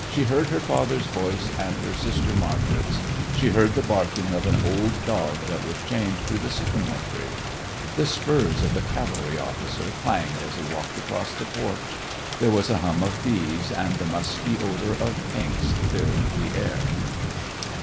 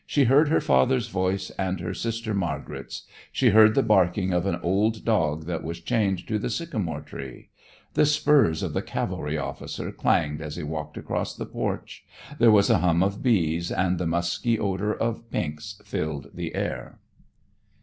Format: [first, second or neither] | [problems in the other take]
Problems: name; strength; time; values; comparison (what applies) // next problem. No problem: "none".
second | background sound (Thunder / Rain); 1 dB below the speech